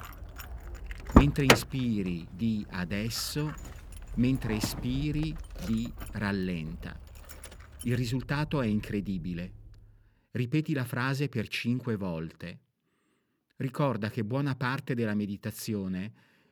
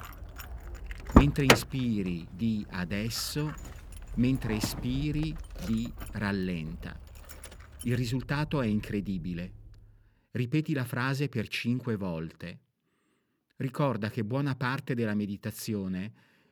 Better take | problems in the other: neither | traffic noise; very loud; until 10 s; 3 dB above the speech; the same in both

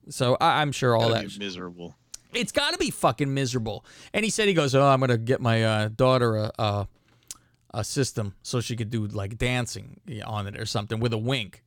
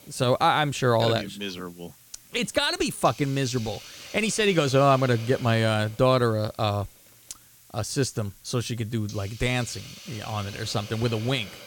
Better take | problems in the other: first | hiss; noticeable; throughout; 20 dB below the speech

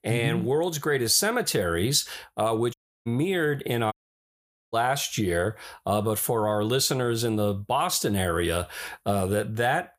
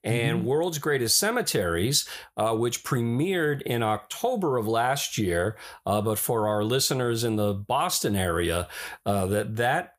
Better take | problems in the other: second | audio cutting out; at 2.5 s and at 4 s for 1 s

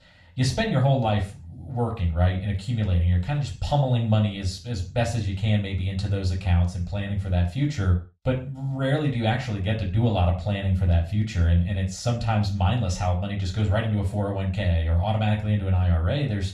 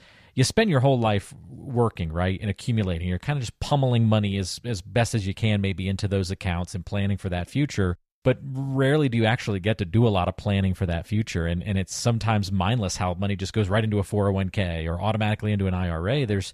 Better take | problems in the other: second | room echo; slight; dies away in 0.3 s // off-mic speech; far

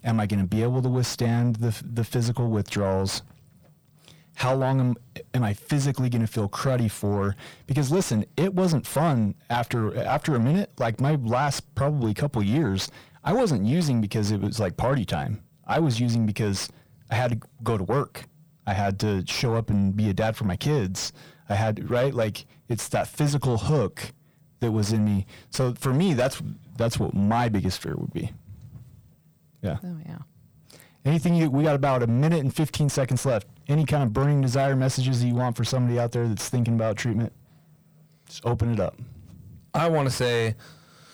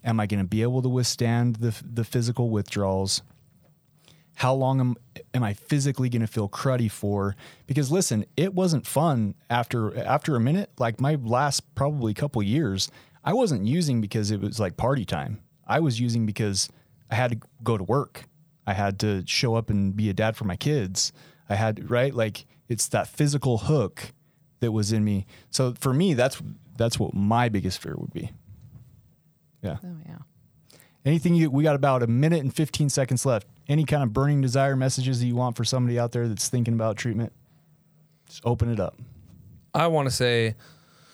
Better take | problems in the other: second | distortion; slight; 9 dB below the speech

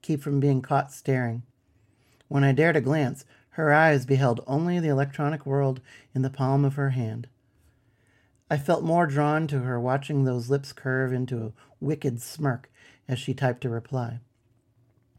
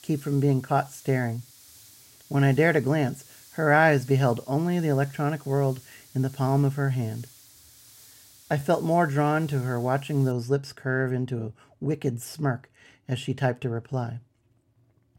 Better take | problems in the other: first | hiss; faint; until 10 s; 25 dB below the speech

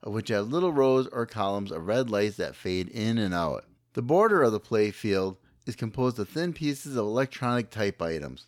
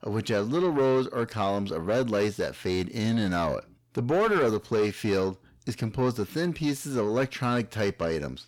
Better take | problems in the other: first | distortion; slight; 10 dB below the speech

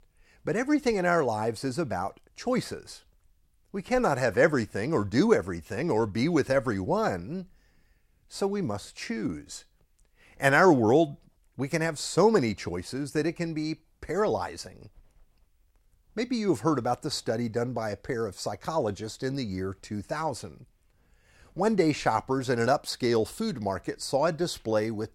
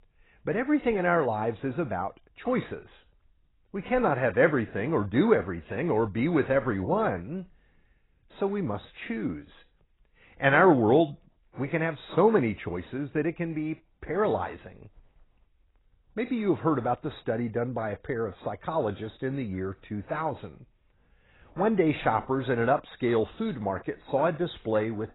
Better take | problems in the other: first | garbled, watery; badly; nothing above 4 kHz

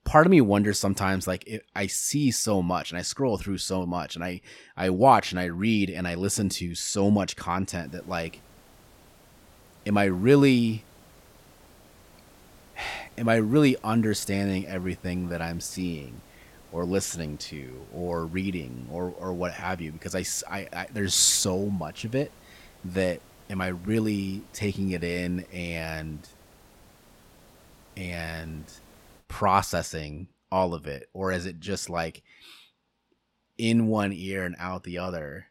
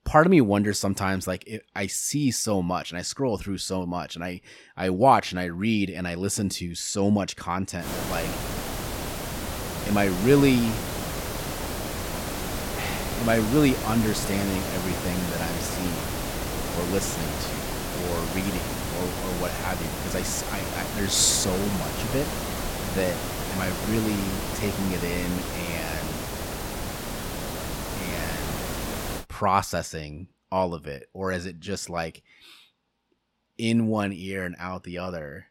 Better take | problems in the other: first | hiss; loud; from 8 to 29 s; 4 dB below the speech; faint in the first

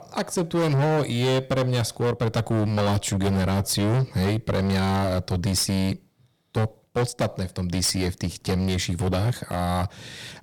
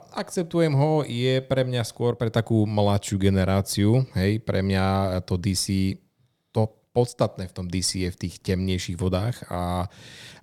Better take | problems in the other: second | distortion; heavy; 19% of the sound clipped

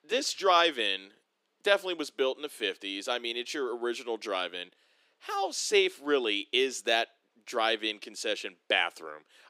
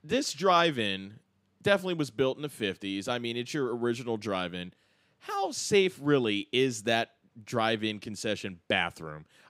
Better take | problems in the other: second | thin; somewhat; fading below 350 Hz

